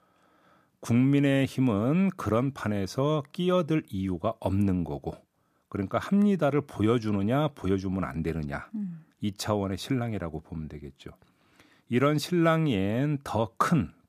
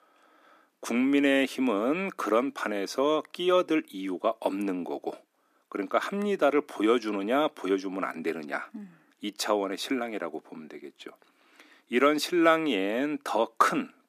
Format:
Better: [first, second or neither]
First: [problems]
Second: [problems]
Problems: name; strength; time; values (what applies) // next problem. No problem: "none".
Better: first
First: none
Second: thin; somewhat; fading below 250 Hz